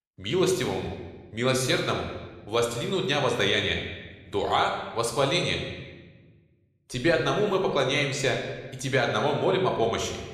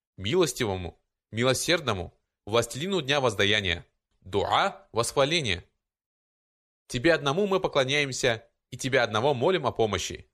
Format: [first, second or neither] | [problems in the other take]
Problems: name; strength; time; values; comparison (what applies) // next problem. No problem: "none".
second | room echo; noticeable; dies away in 1.1 s